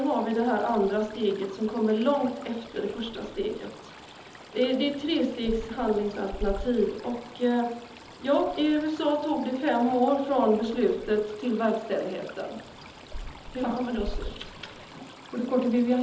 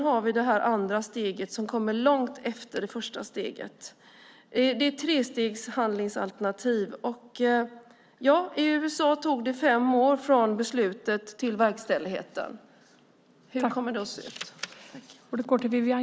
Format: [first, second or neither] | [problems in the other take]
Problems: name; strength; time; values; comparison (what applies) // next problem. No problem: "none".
second | background sound (Stream); 14 dB below the speech // room echo; dies away in 1.2 s